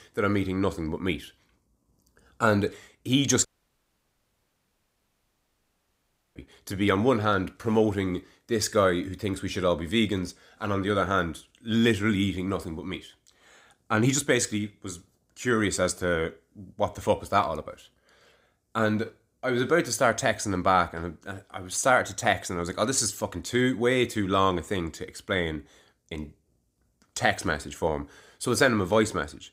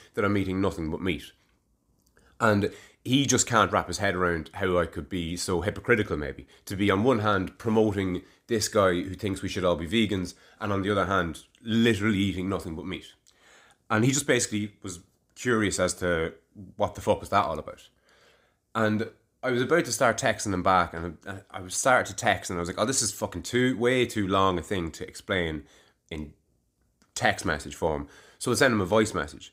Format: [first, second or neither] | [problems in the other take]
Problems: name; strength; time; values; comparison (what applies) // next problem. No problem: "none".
second | audio cutting out; at 3.5 s for 3 s